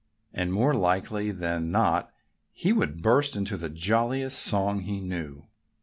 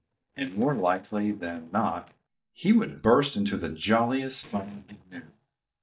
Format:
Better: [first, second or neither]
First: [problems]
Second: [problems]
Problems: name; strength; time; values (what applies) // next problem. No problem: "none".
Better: first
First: none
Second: noise reduction (neural mask model DeepFilterNet 3)